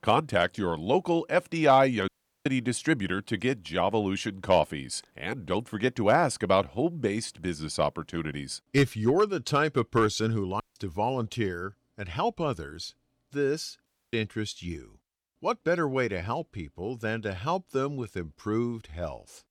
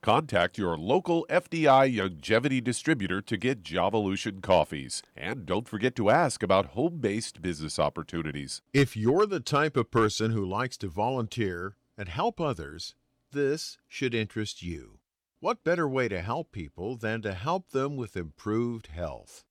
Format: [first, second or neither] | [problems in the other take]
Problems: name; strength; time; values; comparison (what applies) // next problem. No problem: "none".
second | audio cutting out; at 2 s, at 11 s and at 14 s